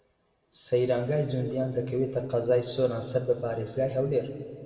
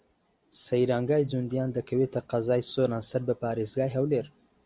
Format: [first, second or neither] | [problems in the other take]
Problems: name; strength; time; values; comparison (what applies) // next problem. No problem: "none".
second | room echo; dies away in 2.1 s